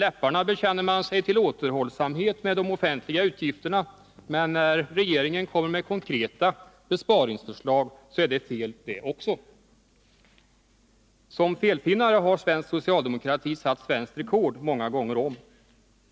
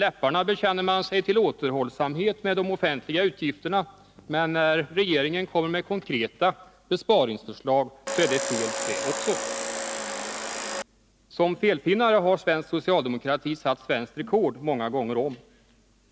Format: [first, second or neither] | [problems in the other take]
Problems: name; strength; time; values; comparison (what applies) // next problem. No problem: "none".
first | background sound (Domestic sounds, home sounds); 4 dB below the speech